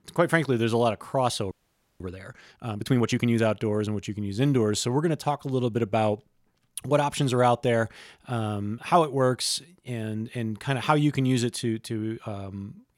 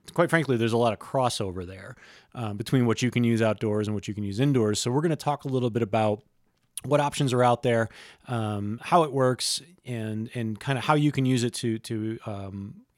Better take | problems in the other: second | audio freezing; at 1.5 s

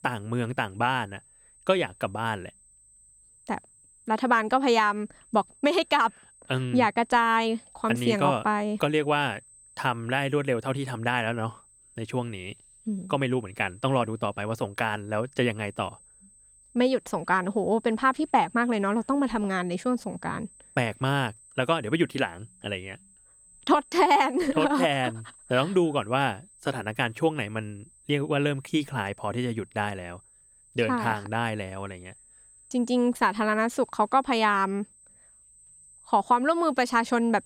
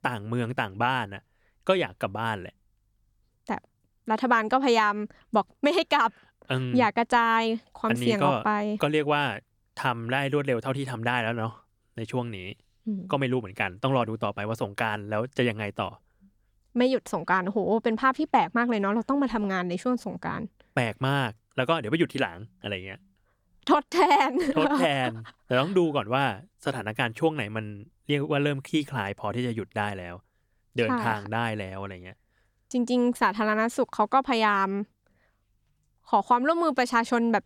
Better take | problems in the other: second | high-pitched whine; faint; throughout; 8 kHz, 25 dB below the speech

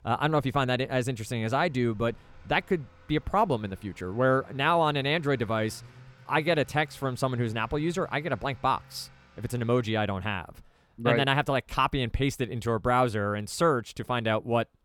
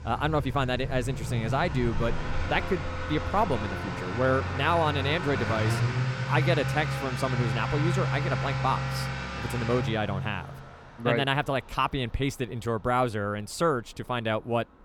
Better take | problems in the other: first | traffic noise; loud; throughout; 3 dB below the speech; faint in the first

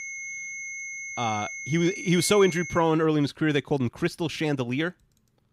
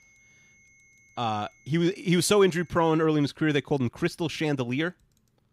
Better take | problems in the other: second | high-pitched whine; loud; until 3 s; 2 kHz, 9 dB below the speech; faint in the second

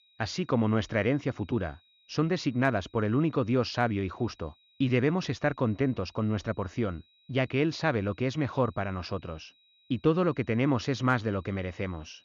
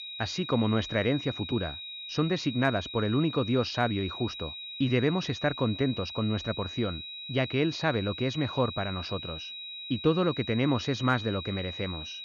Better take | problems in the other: first | high-pitched whine; loud; throughout; 4 kHz, 8 dB below the speech; faint in the first

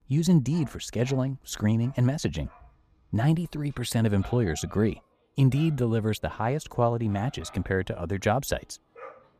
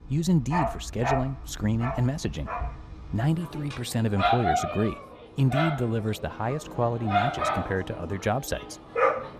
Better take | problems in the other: first | animal sounds; loud; throughout; 1 dB below the speech; faint in the first

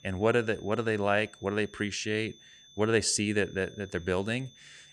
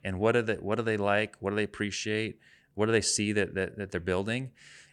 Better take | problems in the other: second | high-pitched whine; faint; throughout; 3.5 kHz, 25 dB below the speech

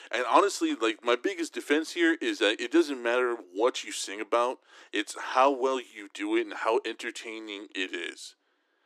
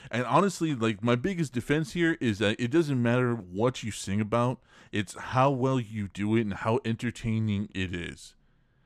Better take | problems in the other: second | thin; somewhat; fading below 300 Hz

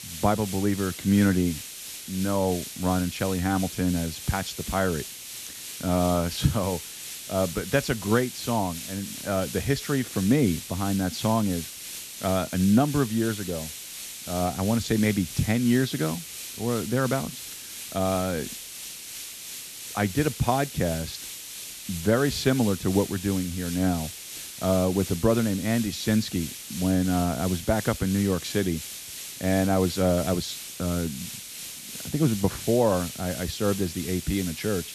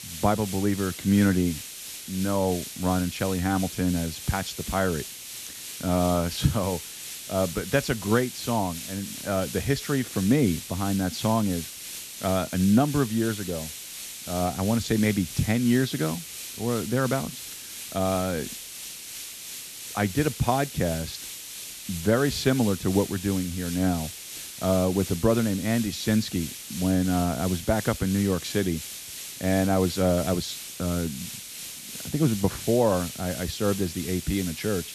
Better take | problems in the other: neither | hiss; loud; throughout; 9 dB below the speech; the same in both

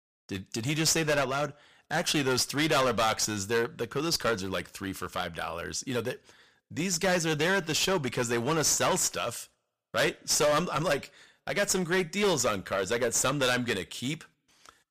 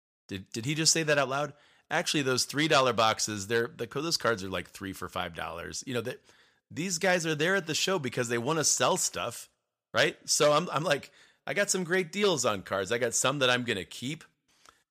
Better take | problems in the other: second | distortion; heavy; 9% of the sound clipped

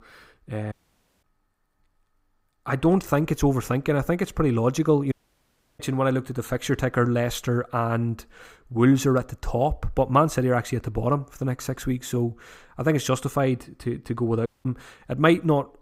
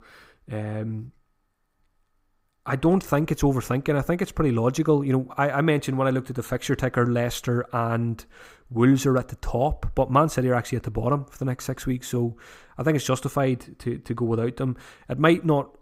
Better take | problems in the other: second | audio cutting out; at 0.5 s for 0.5 s, at 5 s for 0.5 s and at 14 s

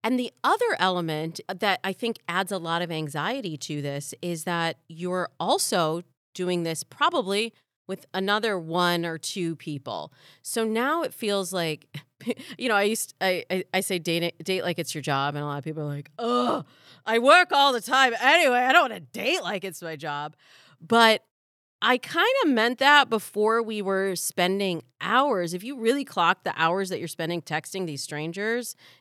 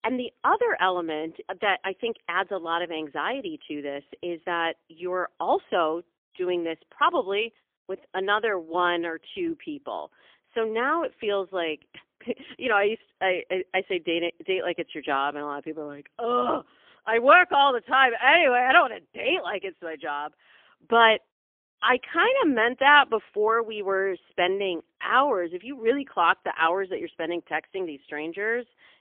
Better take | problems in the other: first | phone-call audio; poor line; nothing above 3.5 kHz

